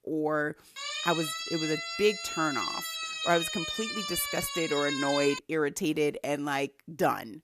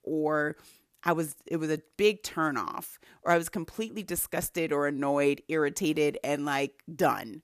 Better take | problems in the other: second | siren; noticeable; from 1 to 5.5 s; peak 1 dB below the speech

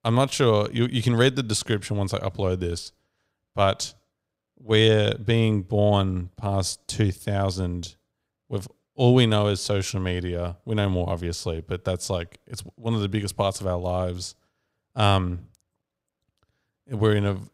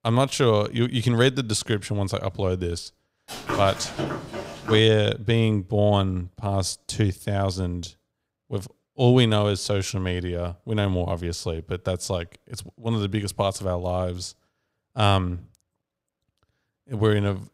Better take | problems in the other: first | footsteps; noticeable; from 3.5 to 5 s; peak 6 dB below the speech

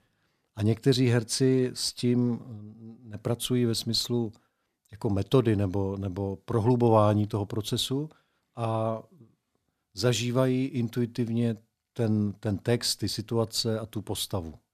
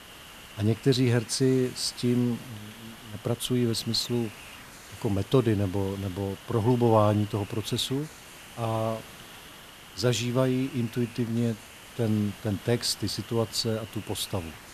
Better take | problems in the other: first | hiss; noticeable; throughout; 15 dB below the speech

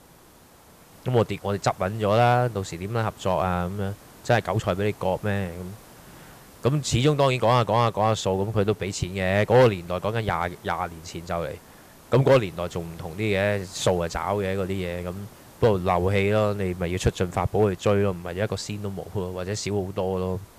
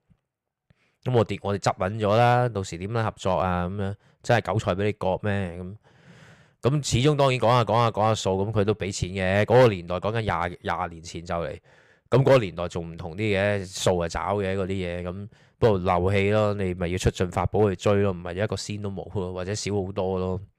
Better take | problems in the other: second | hiss; faint; throughout; 25 dB below the speech

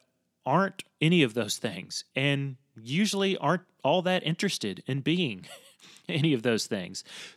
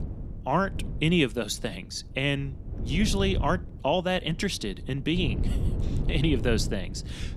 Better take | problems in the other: first | wind noise on the microphone; occasional gusts; 15 dB below the speech

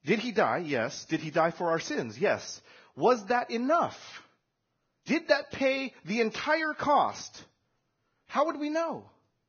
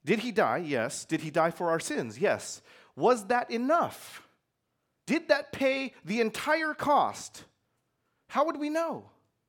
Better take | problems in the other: second | garbled, watery; badly; nothing above 6.5 kHz

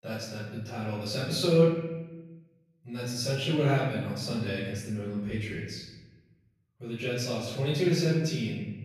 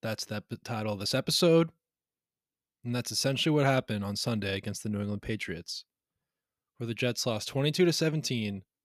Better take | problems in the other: second | off-mic speech; far // room echo; noticeable; dies away in 1.1 s

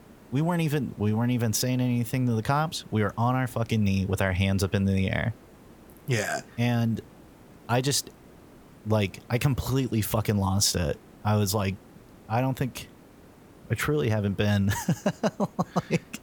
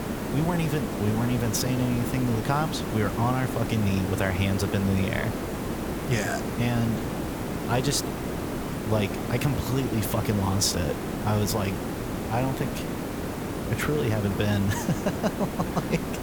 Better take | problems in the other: first | hiss; loud; throughout; 4 dB below the speech; faint in the first

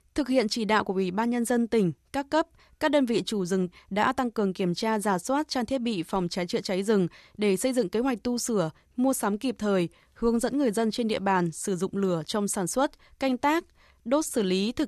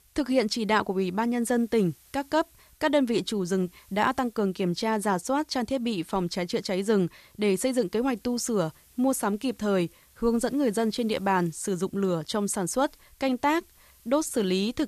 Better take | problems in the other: first | hiss; faint; throughout; 30 dB below the speech

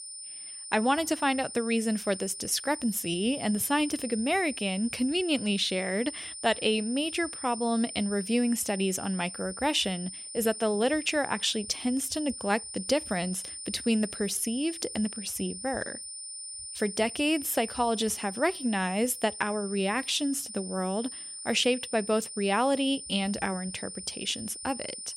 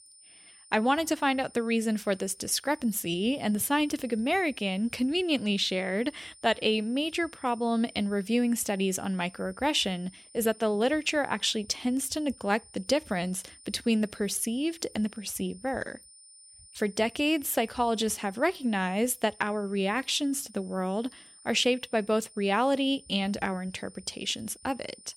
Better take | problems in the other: second | high-pitched whine; loud; throughout; 9 kHz, 9 dB below the speech; faint in the second

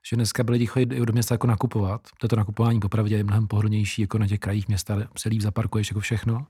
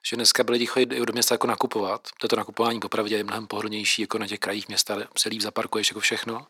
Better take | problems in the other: first | thin; very; fading below 350 Hz

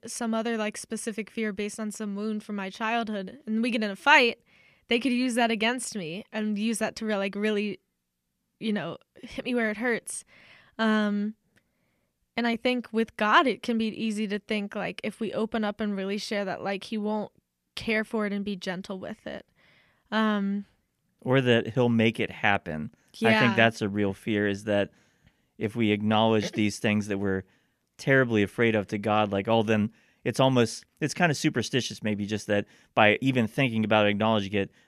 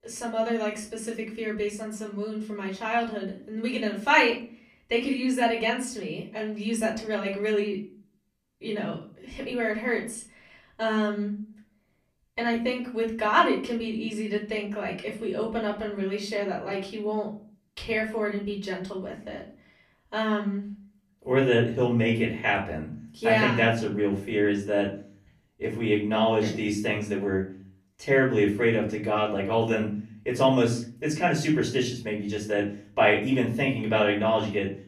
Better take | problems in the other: first | off-mic speech; far // room echo; slight; dies away in 0.4 s

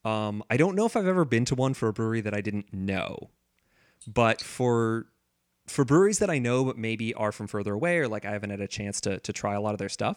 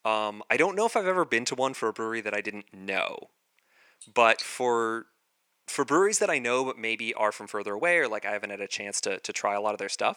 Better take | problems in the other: first | thin; somewhat; fading below 450 Hz

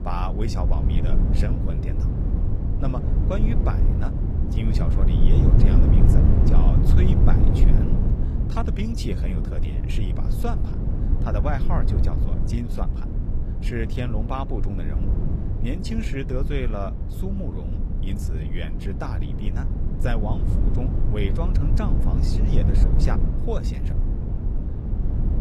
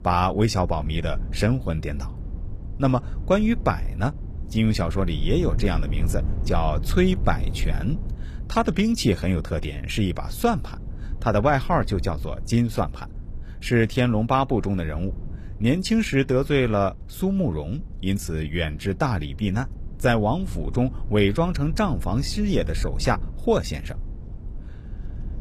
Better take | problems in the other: second | low rumble; loud; throughout; 1 dB below the speech; faint in the second

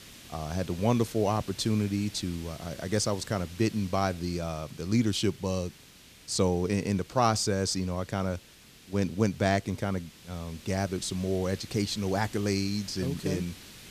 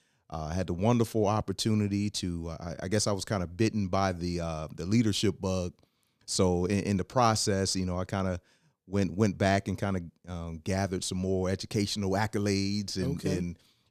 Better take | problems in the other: second | hiss; noticeable; throughout; 20 dB below the speech

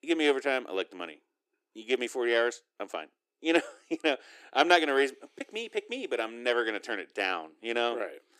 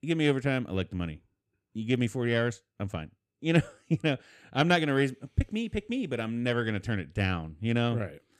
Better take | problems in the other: second | thin; very; fading below 350 Hz

